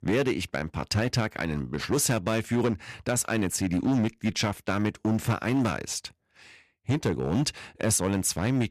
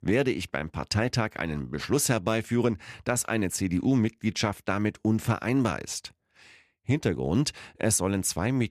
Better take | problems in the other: second | distortion; slight; 7% of the sound clipped

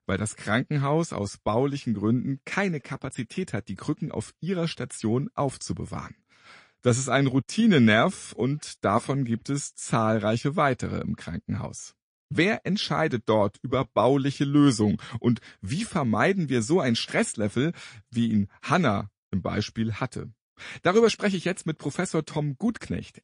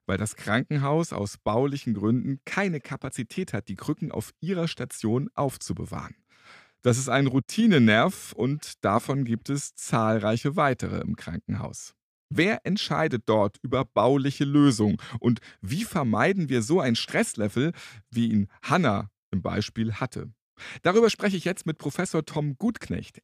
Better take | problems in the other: second | garbled, watery; slightly; nothing above 10 kHz

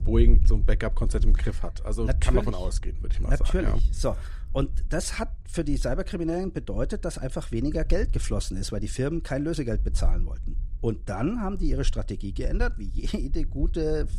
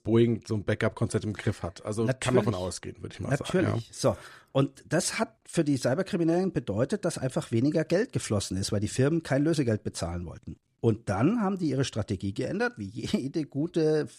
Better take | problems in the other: second | low rumble; noticeable; throughout; 20 dB below the speech

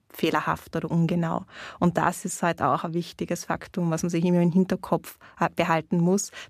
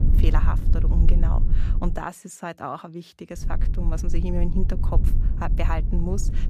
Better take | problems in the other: first | low rumble; loud; until 2 s and from 3.5 s on; 8 dB below the speech

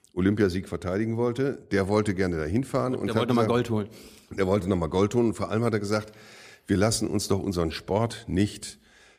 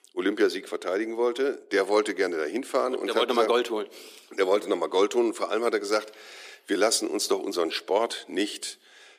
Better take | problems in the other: first | thin; somewhat; fading below 300 Hz

